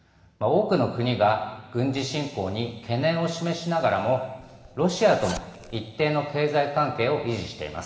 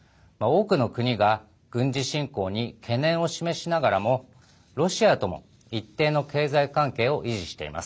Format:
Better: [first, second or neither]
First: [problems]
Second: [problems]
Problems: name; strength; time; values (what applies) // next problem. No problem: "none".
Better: second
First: background sound (Zipper (clothing)); 16 dB below the speech // room echo; dies away in 2 s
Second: none